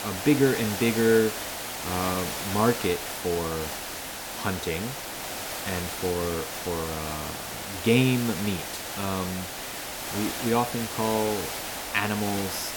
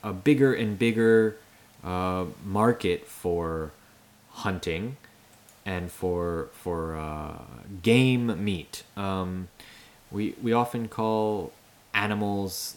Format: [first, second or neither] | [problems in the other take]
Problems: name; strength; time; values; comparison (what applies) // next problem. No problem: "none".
second | hiss; loud; throughout; 5 dB below the speech; faint in the second